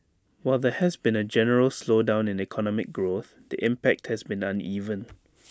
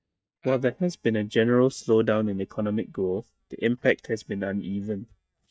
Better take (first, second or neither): first